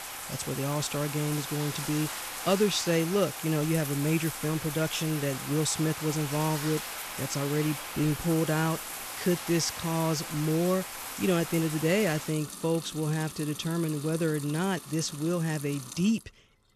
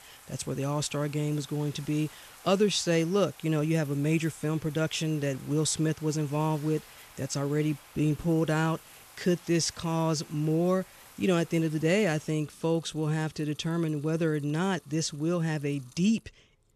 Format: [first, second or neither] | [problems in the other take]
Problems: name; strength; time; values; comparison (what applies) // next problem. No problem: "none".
second | household noises; loud; throughout; 7 dB below the speech; faint in the second